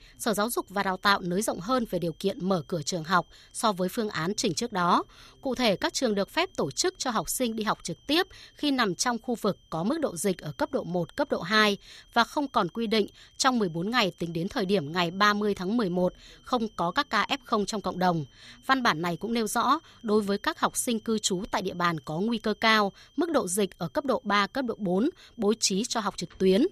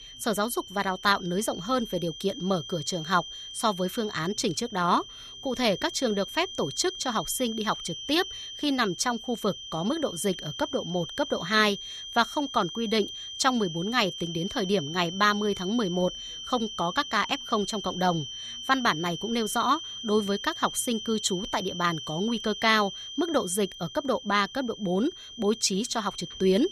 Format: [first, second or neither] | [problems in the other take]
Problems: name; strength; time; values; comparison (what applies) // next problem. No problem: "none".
first | high-pitched whine; loud; throughout; 3 kHz, 9 dB below the speech; faint in the first